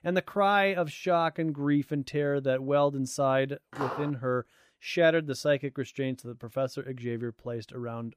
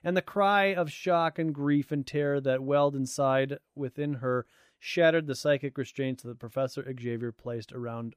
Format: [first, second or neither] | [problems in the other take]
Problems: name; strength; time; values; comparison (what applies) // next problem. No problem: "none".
second | footsteps; noticeable; at 3.5 s; peak 7 dB below the speech